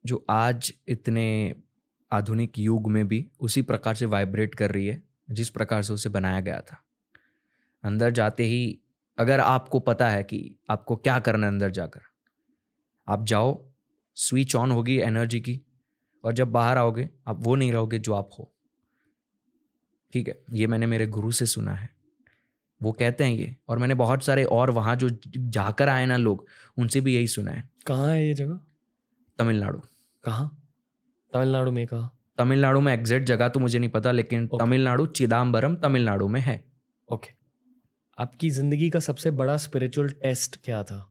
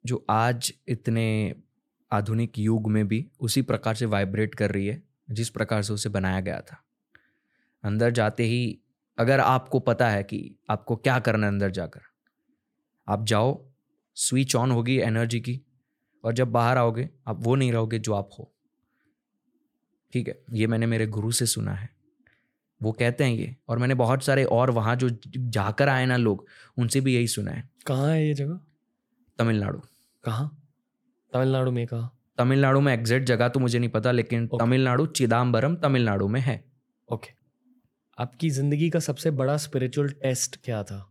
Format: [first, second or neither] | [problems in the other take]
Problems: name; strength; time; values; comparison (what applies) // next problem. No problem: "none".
second | garbled, watery; slightly; nothing above 17.5 kHz